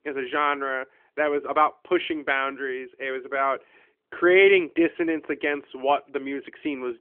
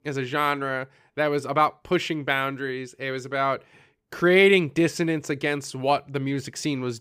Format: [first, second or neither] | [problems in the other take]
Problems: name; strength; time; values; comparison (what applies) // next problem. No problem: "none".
second | phone-call audio; nothing above 3.5 kHz